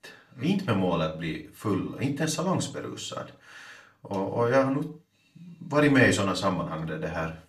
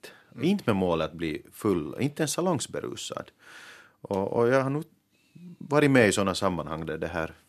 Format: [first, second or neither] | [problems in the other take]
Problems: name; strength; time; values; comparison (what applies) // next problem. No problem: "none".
second | room echo; very slight; dies away in 0.3 s // off-mic speech; far